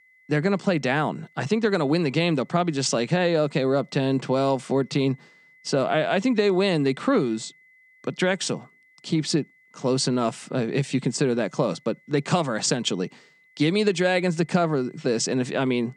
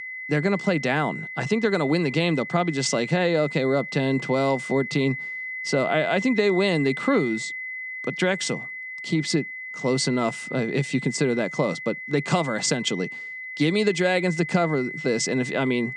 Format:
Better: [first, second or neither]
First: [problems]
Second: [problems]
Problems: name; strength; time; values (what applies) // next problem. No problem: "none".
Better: first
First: high-pitched whine; faint; throughout; 2 kHz, 30 dB below the speech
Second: high-pitched whine; loud; throughout; 2 kHz, 8 dB below the speech